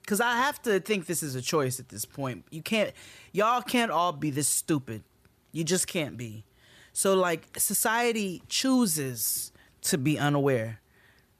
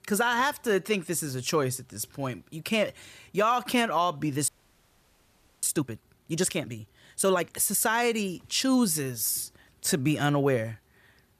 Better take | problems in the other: first | audio freezing; at 4.5 s for 1 s

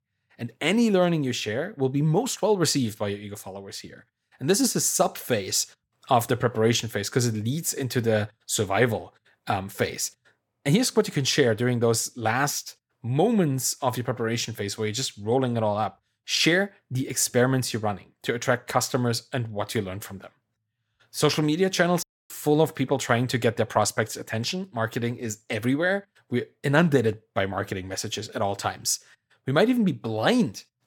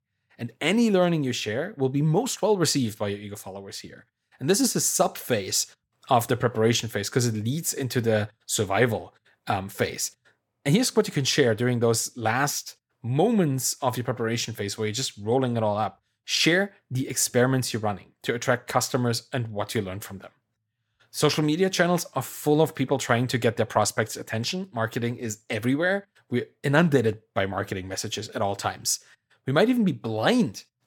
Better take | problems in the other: second | audio cutting out; at 22 s

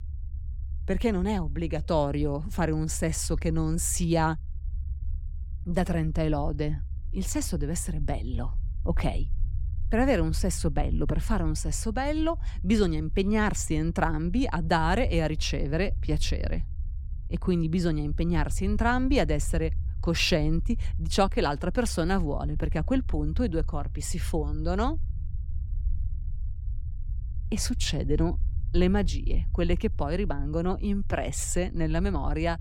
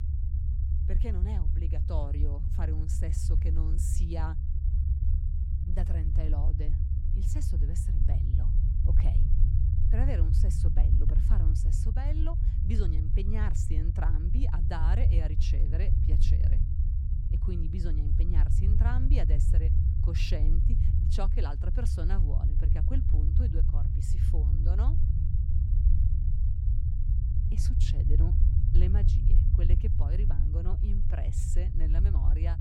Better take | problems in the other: first | low rumble; loud; throughout; 1 dB below the speech; faint in the first

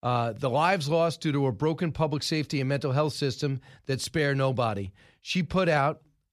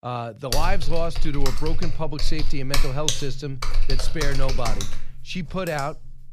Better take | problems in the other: first | keyboard typing; loud; from 0.5 s on; peak 6 dB above the speech

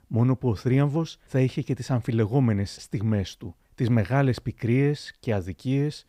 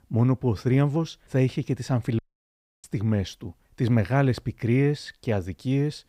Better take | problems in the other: first | audio cutting out; at 2 s for 0.5 s

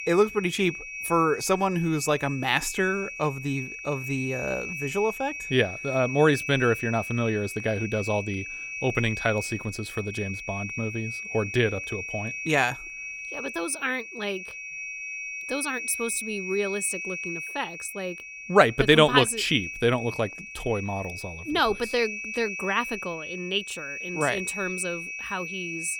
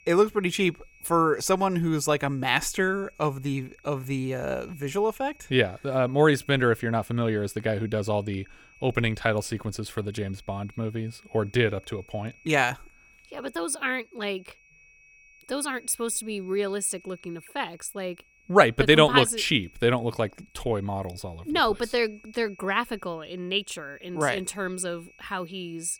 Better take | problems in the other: second | high-pitched whine; loud; throughout; 2.5 kHz, 7 dB below the speech; faint in the second

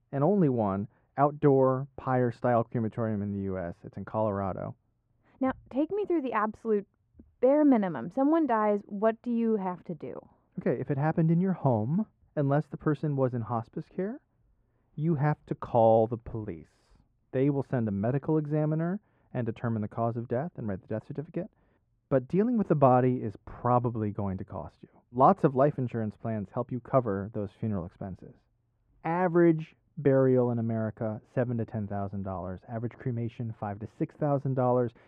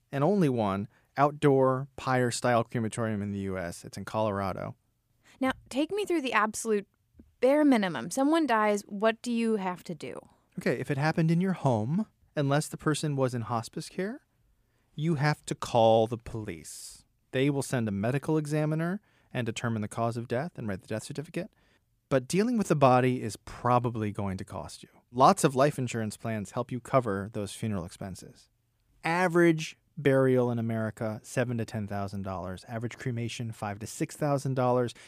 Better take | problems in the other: second | muffled; very; fading above 3.5 kHz

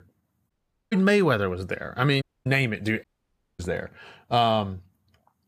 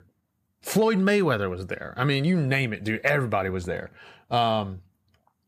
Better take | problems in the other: second | audio cutting out; at 0.5 s, at 2 s and at 3 s for 0.5 s

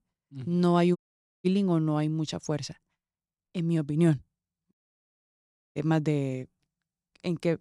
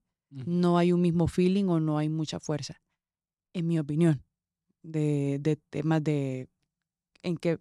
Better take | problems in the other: second | audio cutting out; at 1 s and at 4.5 s for 1 s

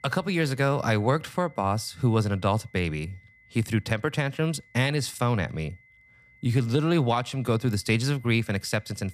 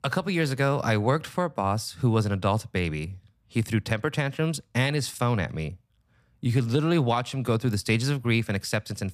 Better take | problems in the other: second | high-pitched whine; faint; throughout; 2 kHz, 30 dB below the speech

